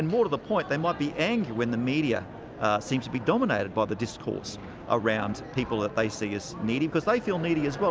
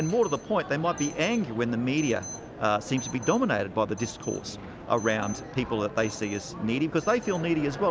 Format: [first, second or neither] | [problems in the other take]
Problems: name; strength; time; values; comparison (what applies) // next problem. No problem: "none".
first | background sound (Alarm); 19 dB below the speech